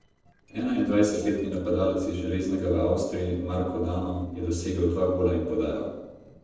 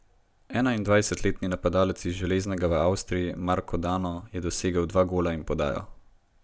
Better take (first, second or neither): second